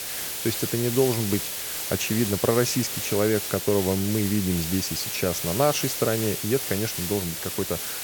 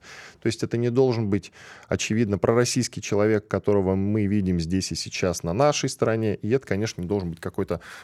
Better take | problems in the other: second | hiss; loud; throughout; 3 dB below the speech

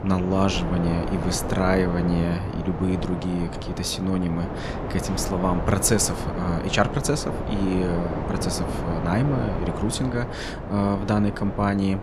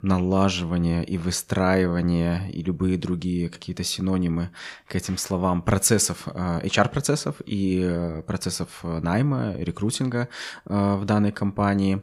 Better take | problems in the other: second | wind noise on the microphone; heavy; 5 dB below the speech

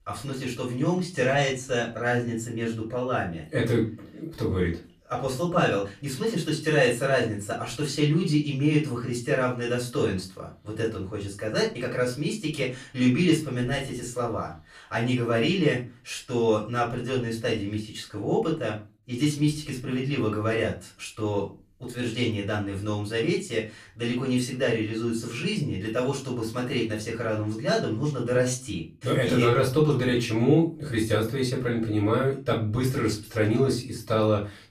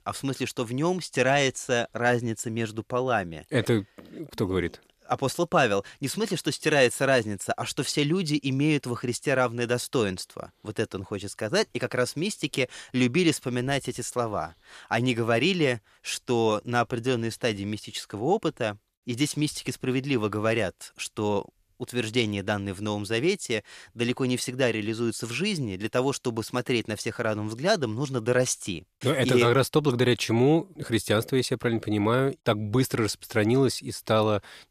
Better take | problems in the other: second | off-mic speech; far // room echo; slight; dies away in 0.3 s

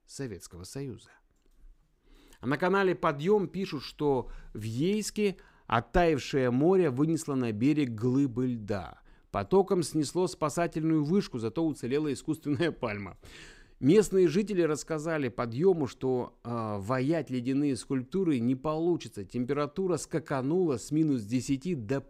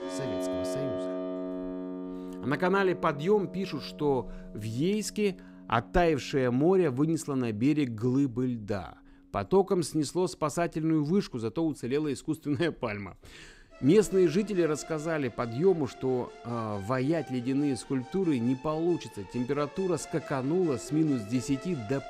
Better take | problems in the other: first | background music; noticeable; throughout; 10 dB below the speech

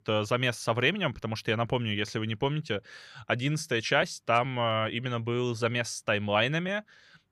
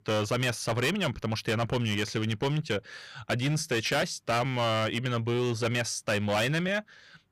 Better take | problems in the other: first | distortion; heavy; 14% of the sound clipped

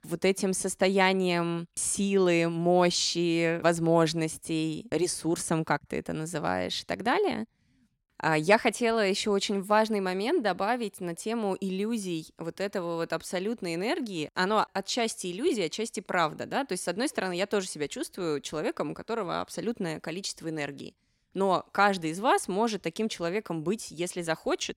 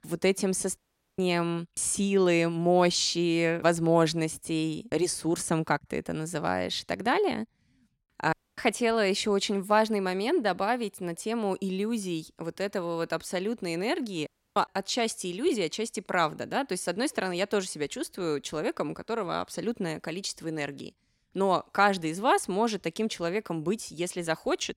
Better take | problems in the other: first | audio cutting out; at 1 s, at 8.5 s and at 14 s

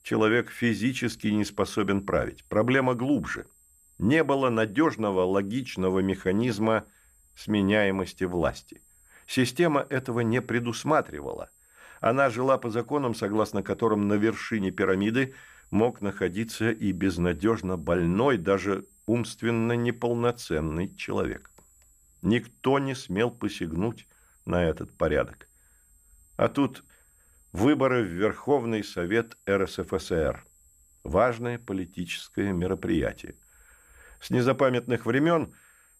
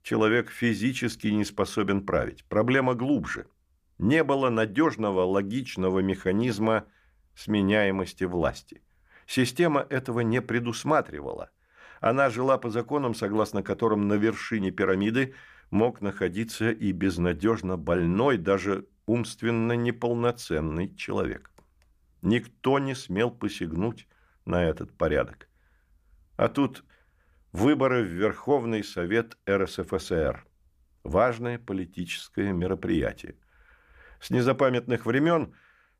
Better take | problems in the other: second | high-pitched whine; faint; throughout; 8 kHz, 30 dB below the speech

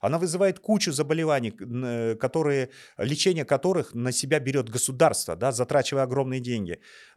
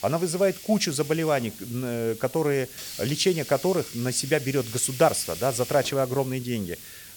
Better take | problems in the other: first | hiss; noticeable; throughout; 10 dB below the speech

